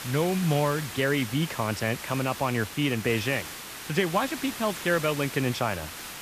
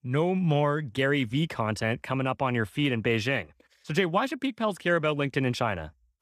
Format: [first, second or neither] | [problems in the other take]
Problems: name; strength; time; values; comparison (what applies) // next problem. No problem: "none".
second | hiss; loud; throughout; 9 dB below the speech